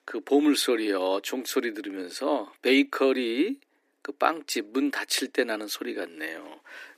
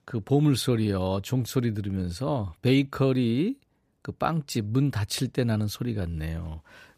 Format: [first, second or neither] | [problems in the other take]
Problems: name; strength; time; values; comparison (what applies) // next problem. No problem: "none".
second | thin; somewhat; fading below 300 Hz